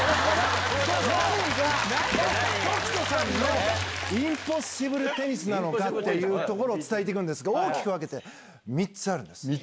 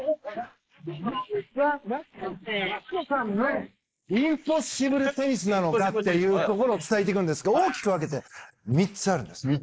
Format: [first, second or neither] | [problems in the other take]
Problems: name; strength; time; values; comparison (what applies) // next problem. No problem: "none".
first | noise reduction (neural mask model Resemble Enhance denoiser)